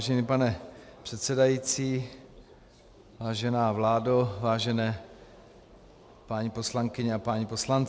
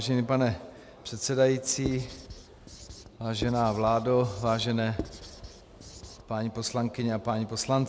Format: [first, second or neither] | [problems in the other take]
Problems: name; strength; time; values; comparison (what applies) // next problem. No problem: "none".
first | background sound (Writing); 12 dB below the speech